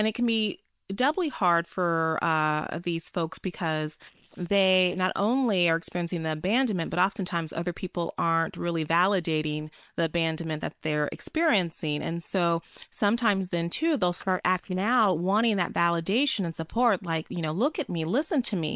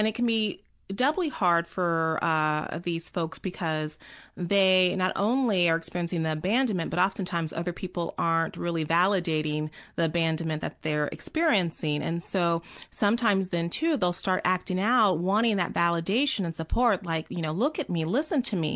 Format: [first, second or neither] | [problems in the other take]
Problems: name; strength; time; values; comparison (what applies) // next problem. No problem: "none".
second | noise reduction (neural separator model SepFormer WHAM!)